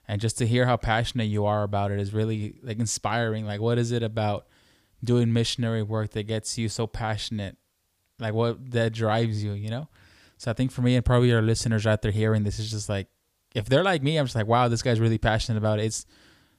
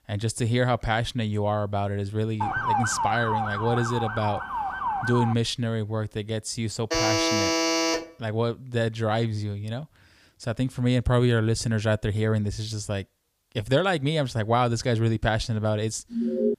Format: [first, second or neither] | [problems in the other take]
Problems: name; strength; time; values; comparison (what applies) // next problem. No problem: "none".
first | siren; loud; from 2.5 to 5.5 s; peak 2 dB above the speech // alarm; loud; from 7 to 8 s and at 16 s; peak 4 dB above the speech